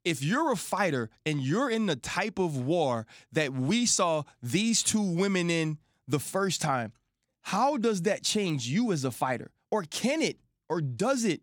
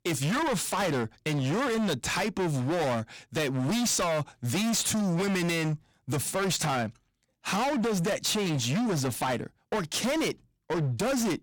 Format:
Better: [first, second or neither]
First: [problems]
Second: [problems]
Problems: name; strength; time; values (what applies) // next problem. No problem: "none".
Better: first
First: none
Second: distortion; heavy; 33% of the sound clipped